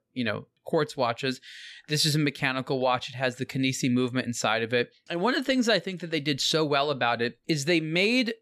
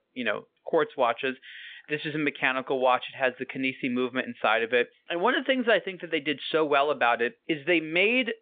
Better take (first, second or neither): first